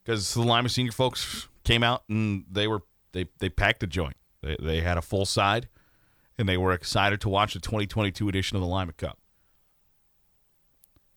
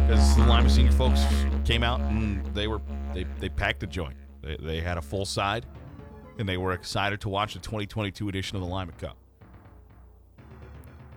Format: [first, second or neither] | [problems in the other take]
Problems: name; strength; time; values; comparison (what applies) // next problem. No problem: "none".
first | background music; very loud; throughout; 5 dB above the speech